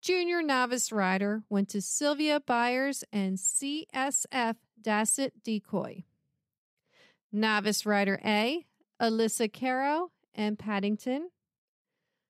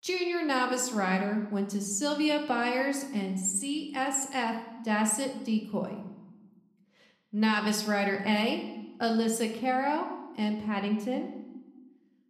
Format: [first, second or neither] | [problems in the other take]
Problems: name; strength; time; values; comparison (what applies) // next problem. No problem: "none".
first | room echo; slight; dies away in 0.8 s